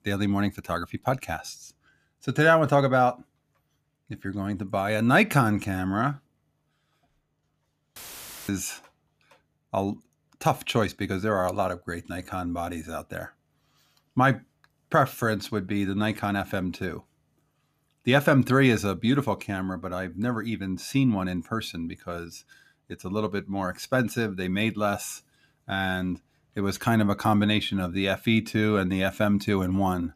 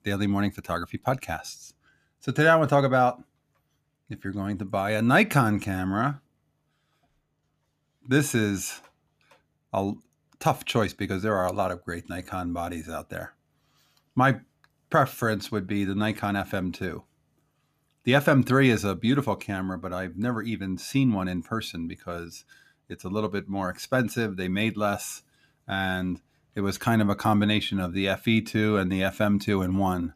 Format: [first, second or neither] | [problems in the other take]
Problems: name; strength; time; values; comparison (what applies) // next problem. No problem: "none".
second | audio cutting out; filled with static; at 8 s for 0.5 s